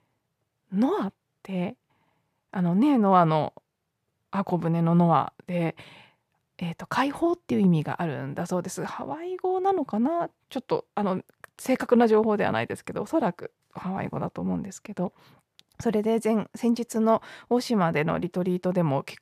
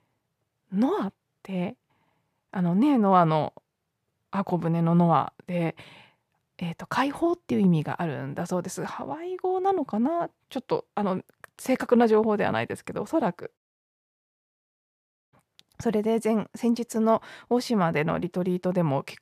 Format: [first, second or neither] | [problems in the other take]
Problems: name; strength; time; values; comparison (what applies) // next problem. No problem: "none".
first | audio cutting out; at 14 s for 1.5 s